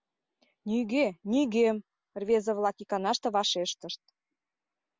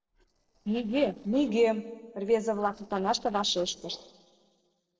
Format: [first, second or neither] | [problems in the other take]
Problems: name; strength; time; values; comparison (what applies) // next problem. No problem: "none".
first | noise reduction (neural separator model SepFormer DNS4)